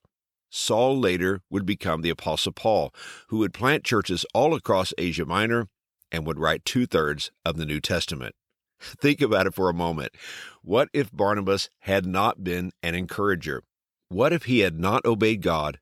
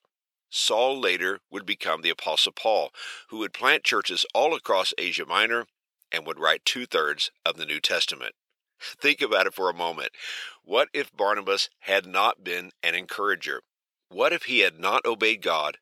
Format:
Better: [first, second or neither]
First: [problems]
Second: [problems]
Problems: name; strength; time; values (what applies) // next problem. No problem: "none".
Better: first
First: none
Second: thin; very; fading below 550 Hz